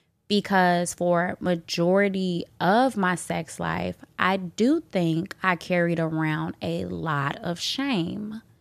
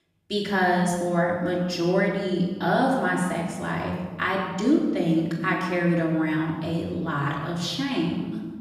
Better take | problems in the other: first | off-mic speech; far // room echo; noticeable; dies away in 1.3 s

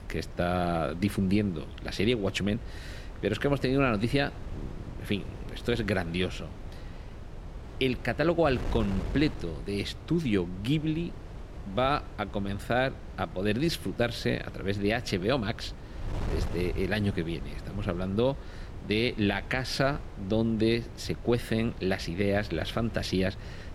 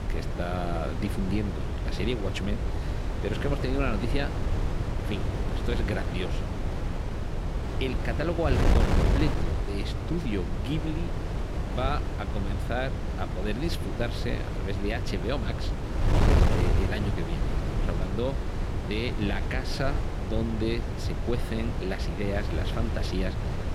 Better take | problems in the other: first | wind noise on the microphone; heavy; 2 dB below the speech; occasional gusts in the first

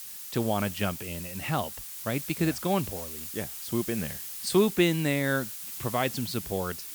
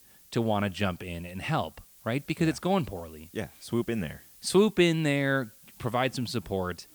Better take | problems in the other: second | hiss; loud; throughout; 7 dB below the speech; faint in the second

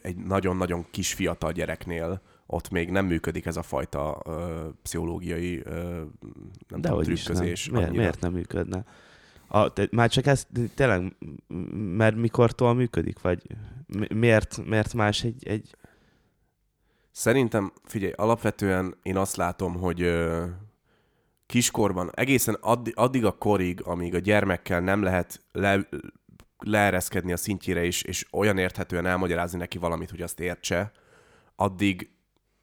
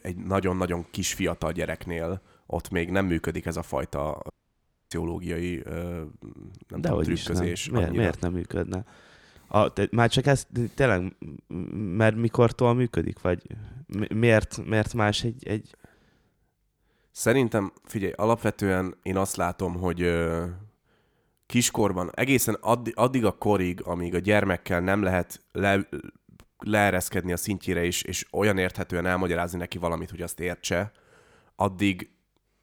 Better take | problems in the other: first | audio cutting out; at 4.5 s for 0.5 s

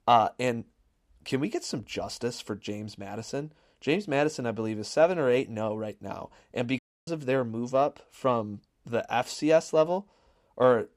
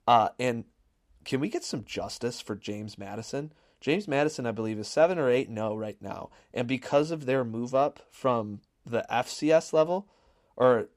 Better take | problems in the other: second | audio cutting out; at 7 s

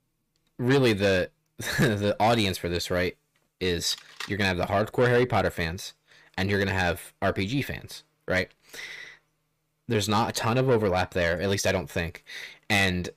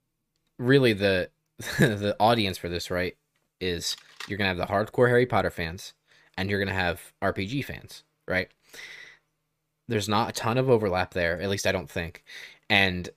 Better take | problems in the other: second | distortion; slight; 10 dB below the speech

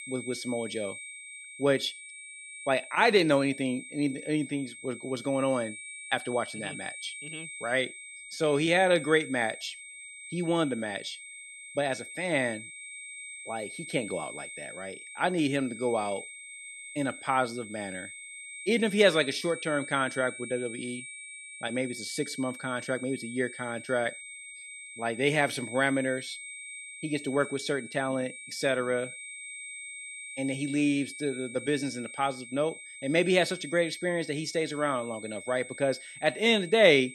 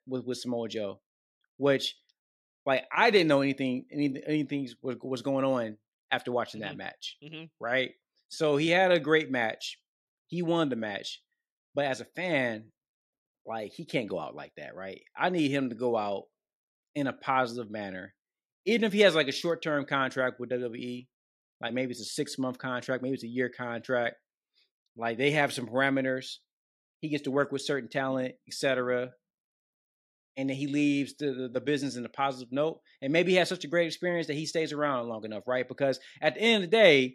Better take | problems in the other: second | high-pitched whine; noticeable; throughout; 2.5 kHz, 10 dB below the speech

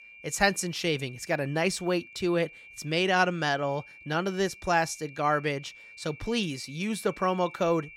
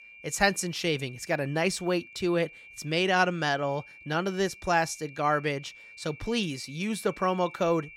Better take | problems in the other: neither | high-pitched whine; noticeable; throughout; 2.5 kHz, 20 dB below the speech; the same in both

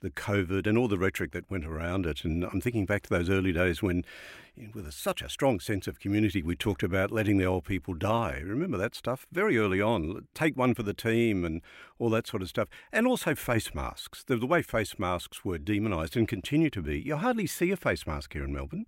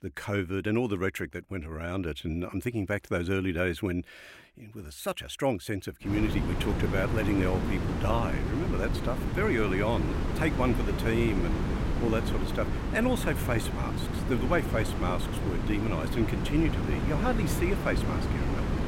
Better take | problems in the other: first | wind noise on the microphone; heavy; from 6 s on; 4 dB below the speech

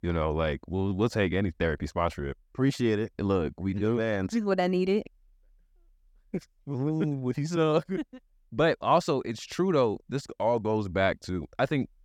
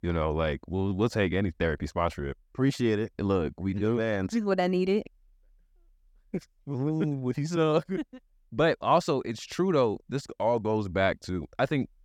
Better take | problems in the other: neither | none

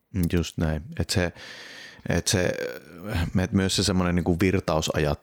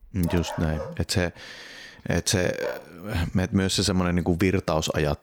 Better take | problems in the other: first | dog barking; faint; until 3 s; peak 10 dB below the speech

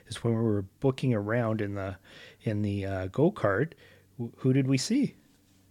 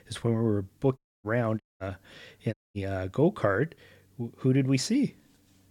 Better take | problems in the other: first | audio cutting out; at 1 s, at 1.5 s and at 2.5 s

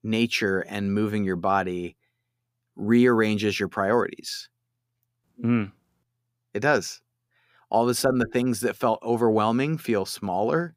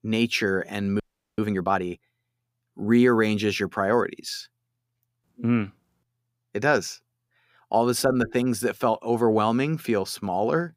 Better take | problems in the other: first | audio freezing; at 1 s

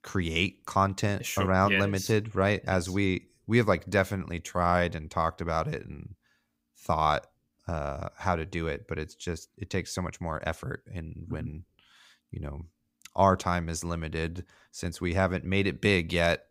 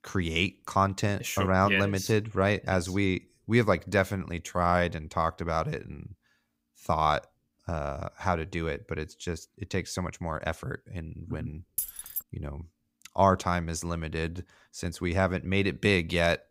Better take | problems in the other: first | jangling keys; noticeable; at 12 s; peak 4 dB below the speech

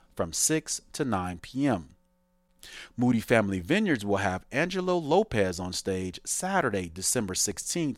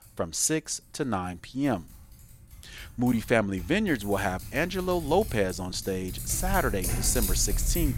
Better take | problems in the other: first | household noises; loud; throughout; 7 dB below the speech

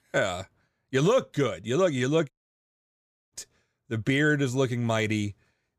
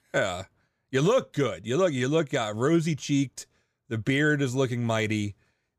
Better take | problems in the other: second | audio cutting out; at 2.5 s for 1 s

